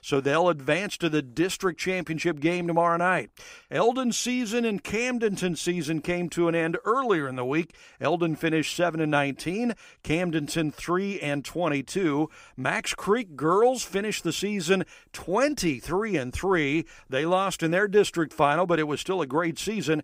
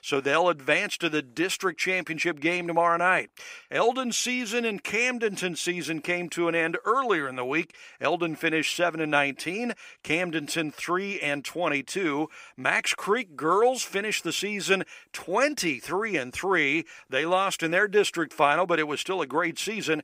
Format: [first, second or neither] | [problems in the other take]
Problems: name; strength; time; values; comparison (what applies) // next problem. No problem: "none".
first | thin; very slightly; fading below 800 Hz